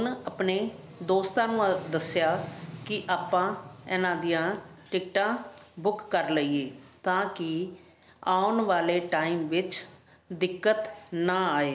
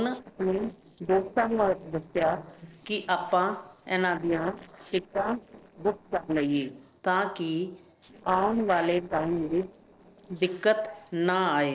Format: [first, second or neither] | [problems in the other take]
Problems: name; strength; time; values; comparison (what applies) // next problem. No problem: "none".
first | noise reduction (neural separator model SepFormer DNS4)